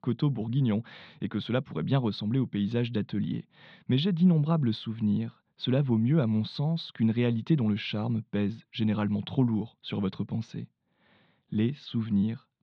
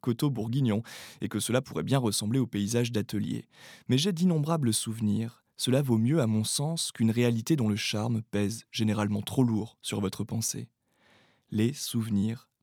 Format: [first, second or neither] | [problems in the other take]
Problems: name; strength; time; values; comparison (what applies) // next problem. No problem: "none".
second | muffled; slightly; fading above 4 kHz